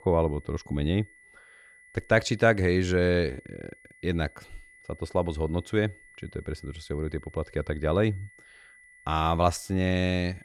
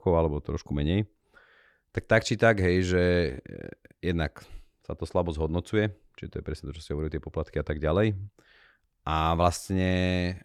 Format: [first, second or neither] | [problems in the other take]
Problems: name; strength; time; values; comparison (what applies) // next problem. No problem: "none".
second | high-pitched whine; faint; throughout; 2 kHz, 25 dB below the speech